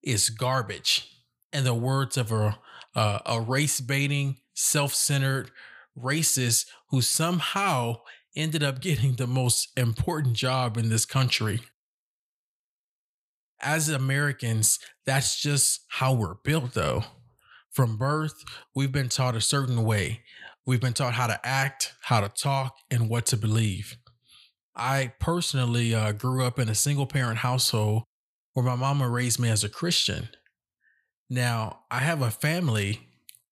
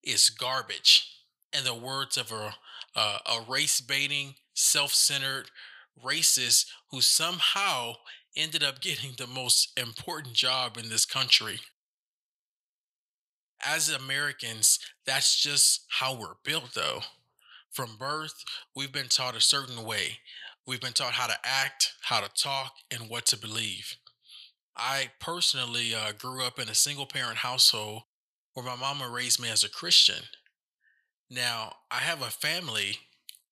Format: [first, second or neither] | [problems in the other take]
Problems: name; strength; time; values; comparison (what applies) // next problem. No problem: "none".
first | thin; somewhat; fading below 1 kHz